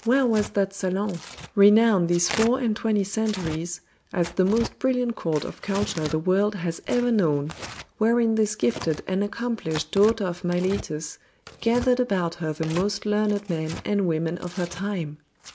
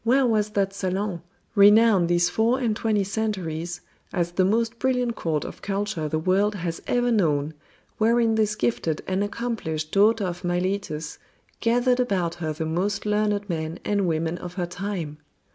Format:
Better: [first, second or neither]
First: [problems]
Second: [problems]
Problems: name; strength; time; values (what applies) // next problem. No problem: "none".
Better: second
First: background sound (Tearing); 16 dB below the speech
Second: none